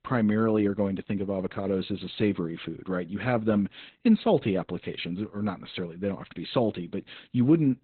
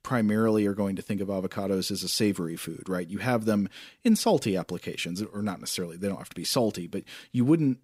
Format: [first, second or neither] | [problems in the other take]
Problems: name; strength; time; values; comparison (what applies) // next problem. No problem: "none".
second | garbled, watery; badly; nothing above 4 kHz